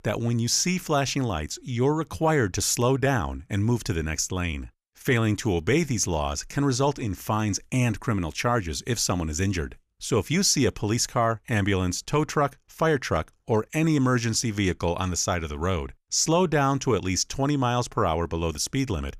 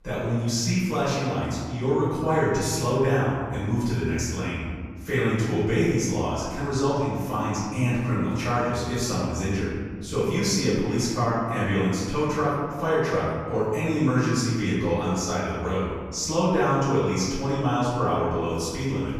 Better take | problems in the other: first | room echo; strong; dies away in 1.7 s // off-mic speech; far

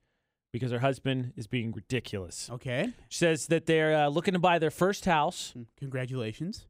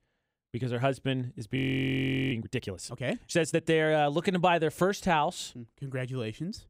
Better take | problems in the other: first | audio freezing; at 1.5 s for 1 s

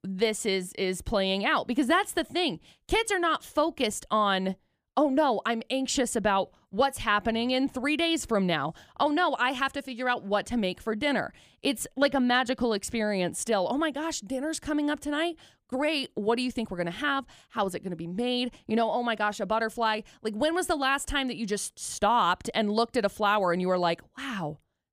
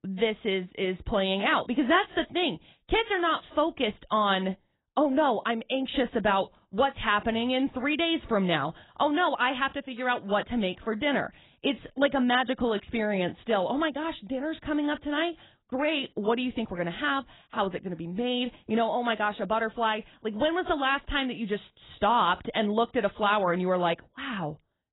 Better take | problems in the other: first | garbled, watery; badly; nothing above 4 kHz

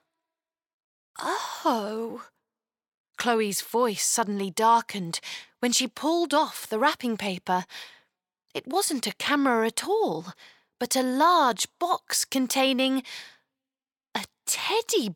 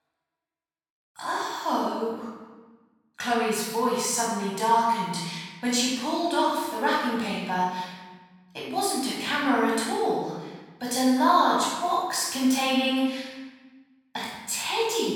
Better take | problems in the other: first | off-mic speech; far // room echo; strong; dies away in 1.1 s

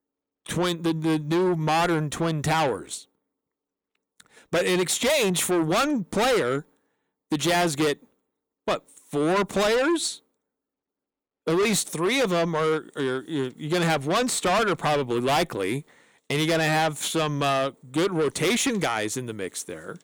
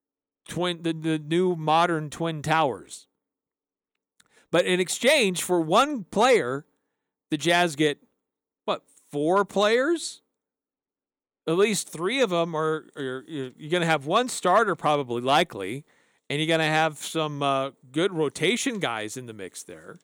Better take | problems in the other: second | distortion; heavy; 6 dB below the speech

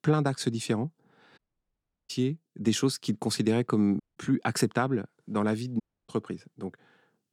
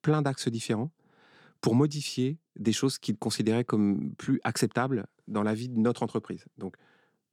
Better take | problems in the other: second | audio cutting out; at 1.5 s for 0.5 s, at 4 s and at 6 s

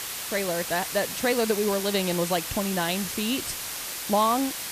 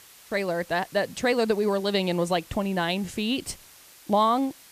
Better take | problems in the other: second | hiss; loud; throughout; 4 dB below the speech; faint in the second

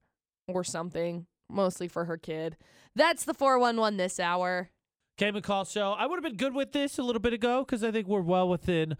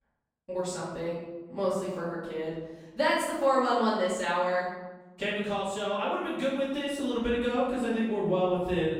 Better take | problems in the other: first | off-mic speech; far // room echo; noticeable; dies away in 0.9 s

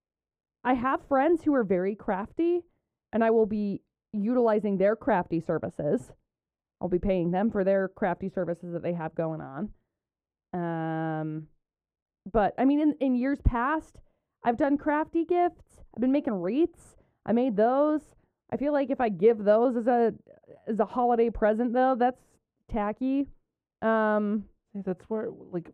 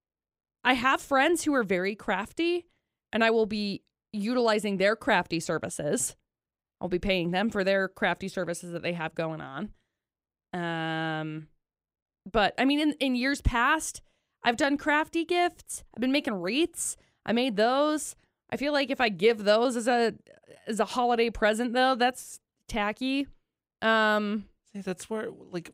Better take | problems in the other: second | muffled; very; fading above 2 kHz

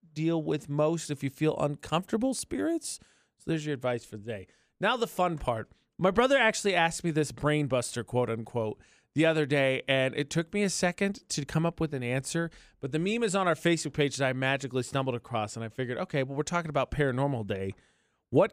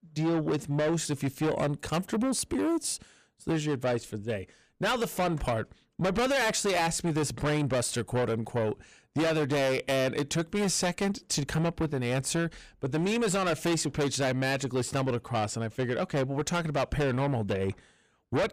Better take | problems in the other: first | distortion; heavy; 6 dB below the speech

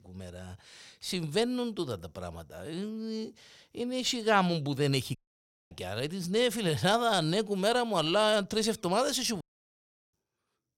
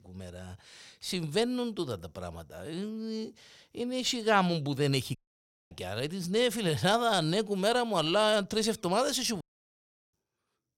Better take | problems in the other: neither | audio cutting out; at 5 s for 0.5 s and at 9.5 s for 0.5 s; the same in both

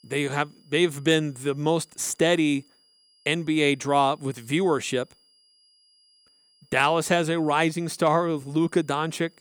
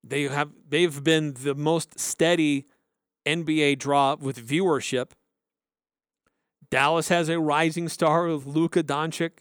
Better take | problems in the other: second | high-pitched whine; faint; throughout; 5 kHz, 35 dB below the speech

